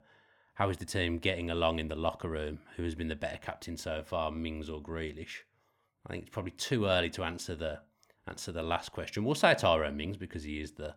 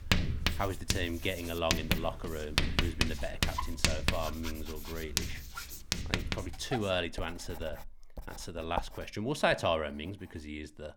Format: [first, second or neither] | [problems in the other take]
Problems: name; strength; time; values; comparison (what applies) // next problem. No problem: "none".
first | household noises; very loud; throughout; 1 dB above the speech